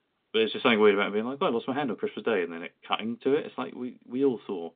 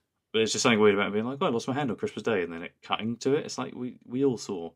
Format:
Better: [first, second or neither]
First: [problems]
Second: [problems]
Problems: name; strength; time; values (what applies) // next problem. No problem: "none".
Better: second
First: phone-call audio; nothing above 3.5 kHz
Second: none